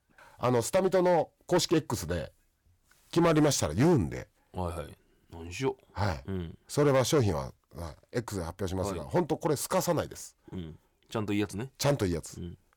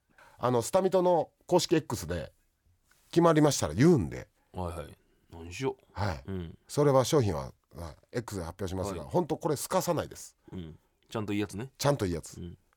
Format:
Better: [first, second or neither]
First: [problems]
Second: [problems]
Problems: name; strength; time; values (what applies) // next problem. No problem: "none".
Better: second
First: distortion; slight; 3% of the sound clipped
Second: none